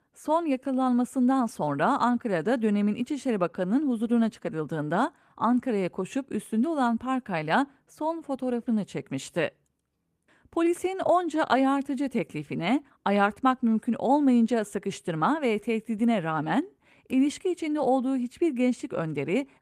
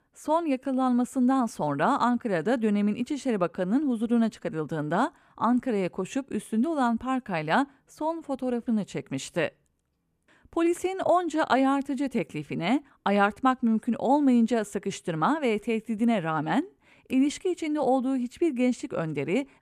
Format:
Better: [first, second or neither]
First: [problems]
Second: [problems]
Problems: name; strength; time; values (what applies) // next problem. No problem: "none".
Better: second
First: garbled, watery; slightly; nothing above 14.5 kHz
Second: none